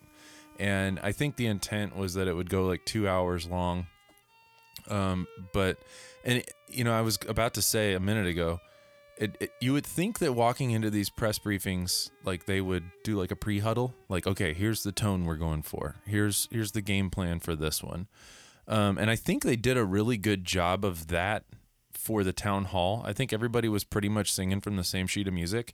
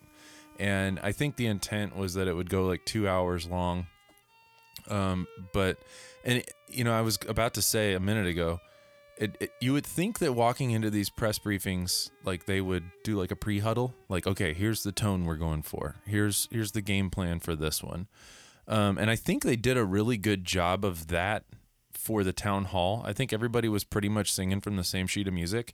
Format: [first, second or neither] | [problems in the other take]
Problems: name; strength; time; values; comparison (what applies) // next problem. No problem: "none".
neither | background music; faint; throughout; 30 dB below the speech; the same in both